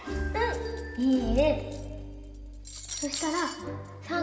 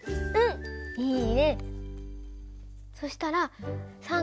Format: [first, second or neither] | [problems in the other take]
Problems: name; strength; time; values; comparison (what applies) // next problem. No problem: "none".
second | background sound (Cutlery, silverware); 13 dB below the speech // room echo; dies away in 2.6 s